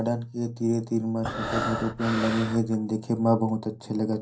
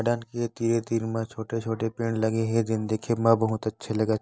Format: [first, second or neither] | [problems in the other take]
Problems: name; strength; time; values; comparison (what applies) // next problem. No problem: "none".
second | background sound (Breathing); 5 dB below the speech // room echo; dies away in 0.3 s